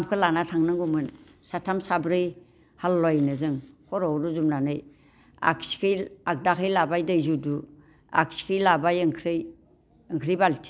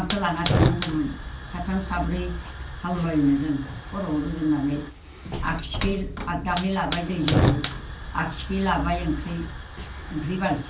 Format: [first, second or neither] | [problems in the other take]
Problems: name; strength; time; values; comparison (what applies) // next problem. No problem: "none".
first | background sound (Hiss / Fire); 2 dB below the speech // room echo; dies away in 0.2 s